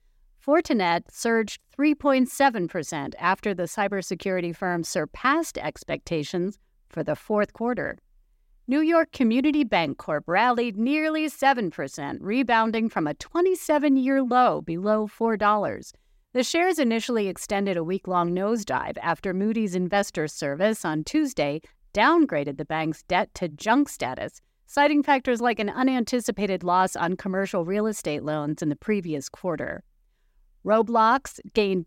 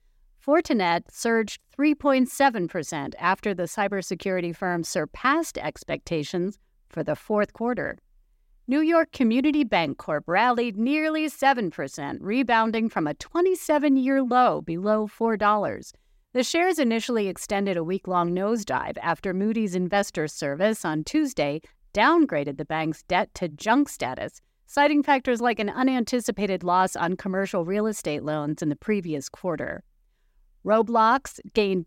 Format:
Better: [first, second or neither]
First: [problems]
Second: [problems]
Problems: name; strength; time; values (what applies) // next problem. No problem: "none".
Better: neither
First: none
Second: none